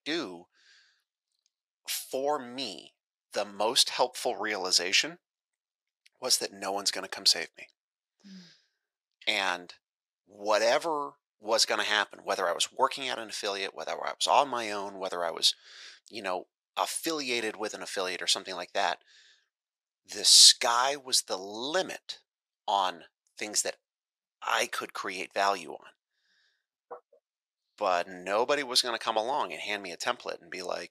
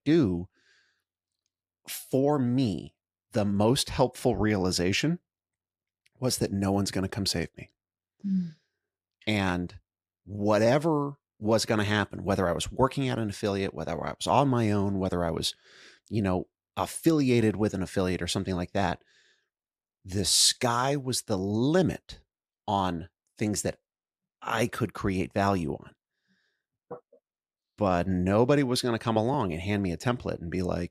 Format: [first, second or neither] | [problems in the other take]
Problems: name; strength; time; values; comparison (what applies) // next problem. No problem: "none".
second | thin; very; fading below 700 Hz